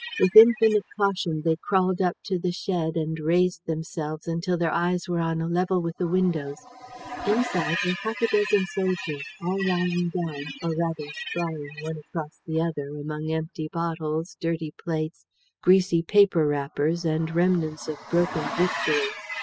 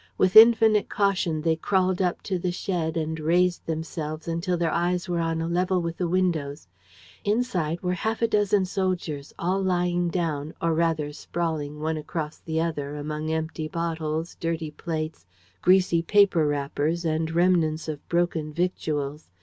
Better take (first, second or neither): second